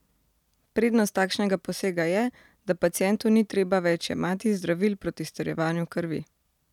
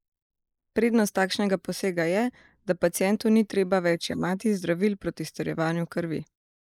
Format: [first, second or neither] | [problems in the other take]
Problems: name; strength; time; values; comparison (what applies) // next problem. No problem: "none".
first | noise reduction (neural mask model Resemble Enhance denoiser)